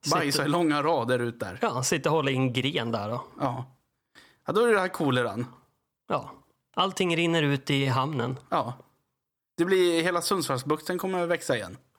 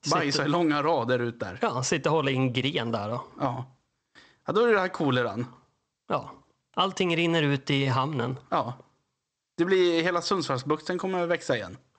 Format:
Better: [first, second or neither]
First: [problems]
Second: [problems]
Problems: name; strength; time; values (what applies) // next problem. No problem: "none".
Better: first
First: none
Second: garbled, watery; slightly; nothing above 8 kHz